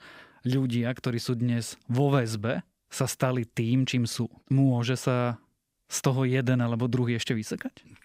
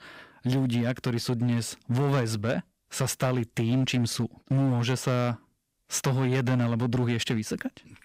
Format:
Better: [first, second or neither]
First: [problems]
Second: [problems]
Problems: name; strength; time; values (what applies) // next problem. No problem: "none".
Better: first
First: none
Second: distortion; slight; 9% of the sound clipped